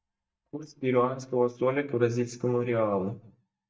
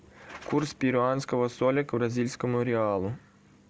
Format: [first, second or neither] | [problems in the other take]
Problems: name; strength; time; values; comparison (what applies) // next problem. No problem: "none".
second | noise reduction (neural mask model DeepFilterNet 3)